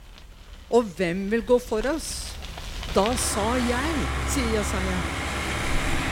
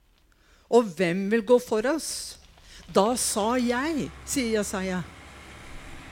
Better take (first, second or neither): second